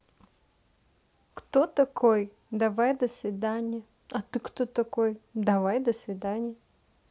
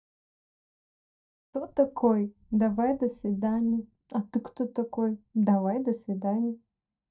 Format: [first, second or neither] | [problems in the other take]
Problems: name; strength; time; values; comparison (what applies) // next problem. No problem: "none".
first | noise reduction (neural mask model DeepFilterNet 3)